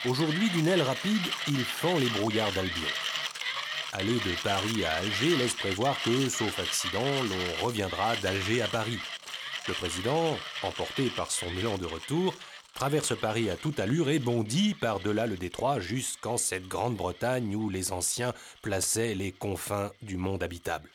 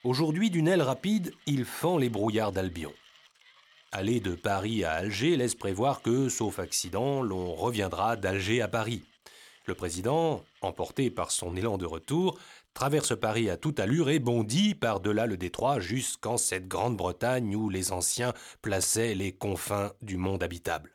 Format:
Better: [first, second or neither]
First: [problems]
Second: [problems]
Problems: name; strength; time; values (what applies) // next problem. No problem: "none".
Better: second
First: machinery noise; loud; throughout; 3 dB below the speech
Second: machinery noise; faint; throughout; 30 dB below the speech